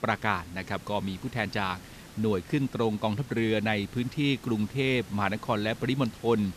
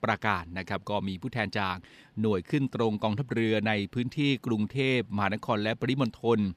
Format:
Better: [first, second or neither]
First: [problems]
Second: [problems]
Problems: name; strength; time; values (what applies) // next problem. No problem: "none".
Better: second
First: hiss; noticeable; throughout; 20 dB below the speech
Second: none